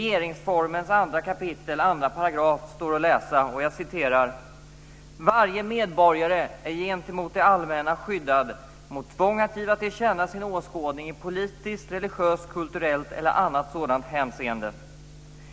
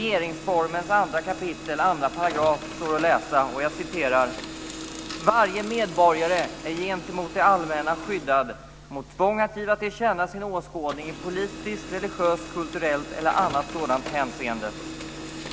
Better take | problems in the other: first | background sound (Printer); 12 dB below the speech

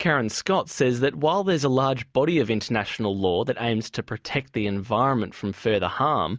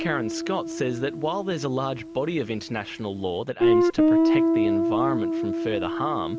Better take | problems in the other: first | background sound (Guitar); 4 dB above the speech

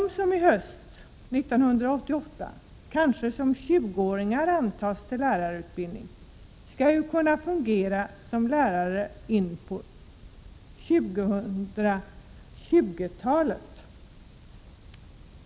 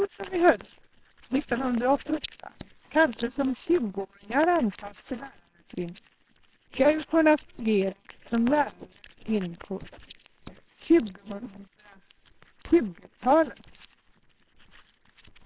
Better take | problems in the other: first | noise reduction (neural separator model SepFormer WHAMR!)

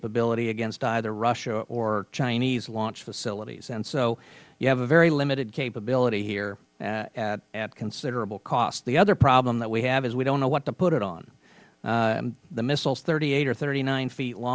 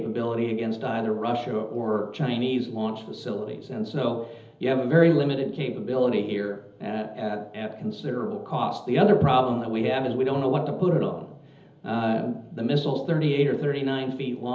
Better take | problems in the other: first | room echo; dies away in 1.2 s

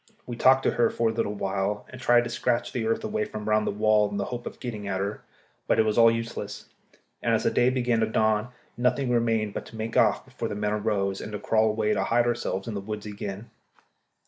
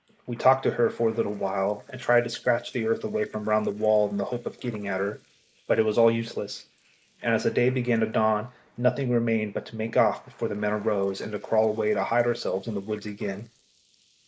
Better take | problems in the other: first | noise reduction (neural mask model Resemble Enhance denoiser)

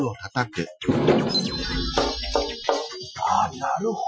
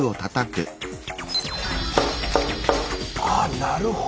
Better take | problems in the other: second | noise reduction (classical method Wiener filter)

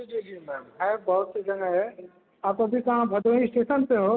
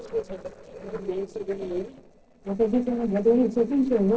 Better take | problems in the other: first | noise reduction (neural separator model SepFormer DNS4)

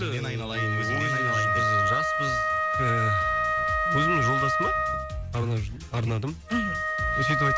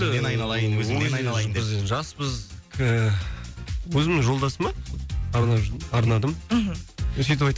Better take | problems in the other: second | background sound (Wind instrument, woodwind instrument); 3 dB above the speech

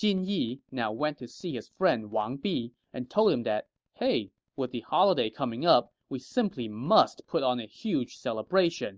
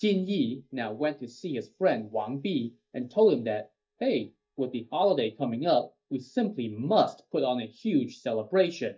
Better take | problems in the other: first | noise reduction (neural mask model DeepFilterNet 3)

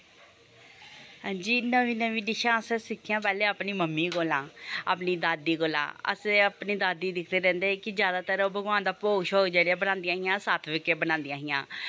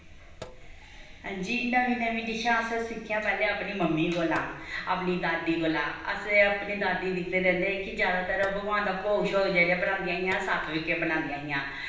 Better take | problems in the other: first | background sound (Sink (filling or washing)); 18 dB below the speech // room echo; dies away in 0.9 s

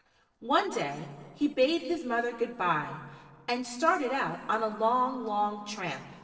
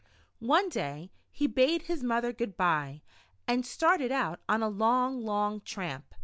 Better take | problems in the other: second | noise reduction (neural separator model SepFormer DNS4)

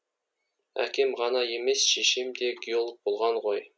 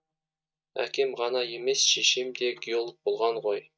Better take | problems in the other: first | noise reduction (neural mask model DeepFilterNet 3)

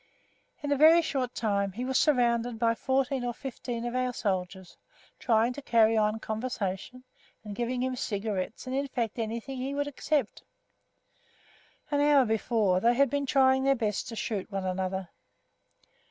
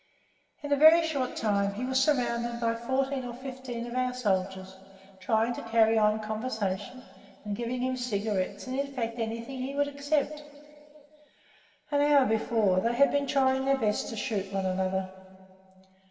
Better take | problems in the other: first | room echo; dies away in 2.3 s

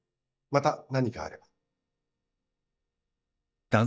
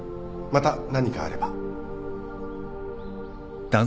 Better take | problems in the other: second | noise reduction (neural mask model DeepFilterNet 3)

